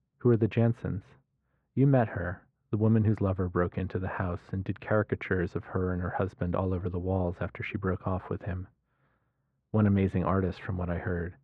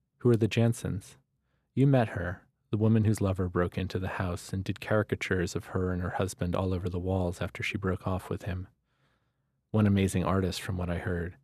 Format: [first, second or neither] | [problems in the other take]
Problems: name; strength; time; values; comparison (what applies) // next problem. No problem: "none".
second | muffled; very; fading above 1.5 kHz